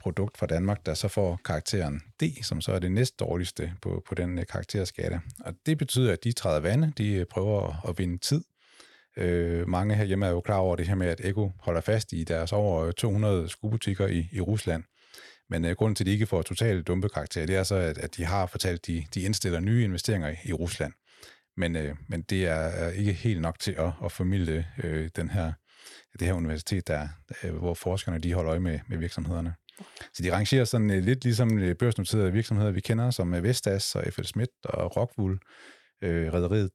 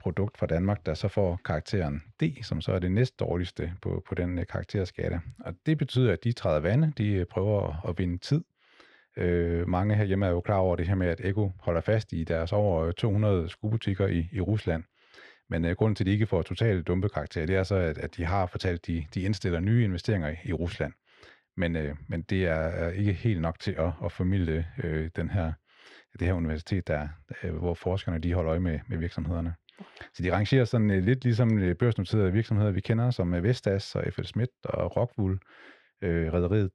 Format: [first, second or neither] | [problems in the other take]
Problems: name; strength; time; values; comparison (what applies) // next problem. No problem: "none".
first | muffled; slightly; fading above 3 kHz